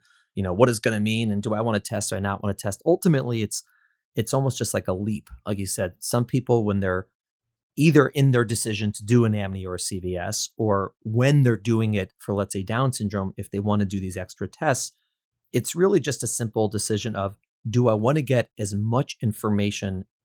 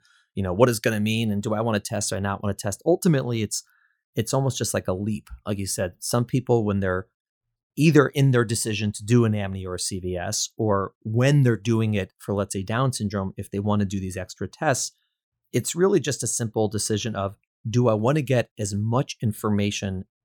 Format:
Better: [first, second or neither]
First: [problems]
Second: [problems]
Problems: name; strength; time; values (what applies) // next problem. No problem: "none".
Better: second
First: garbled, watery; slightly; nothing above 18 kHz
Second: none